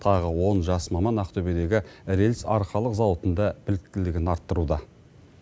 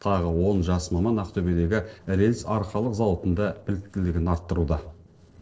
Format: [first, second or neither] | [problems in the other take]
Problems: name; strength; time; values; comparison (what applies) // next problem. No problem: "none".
first | noise reduction (neural separator model SepFormer DNS4)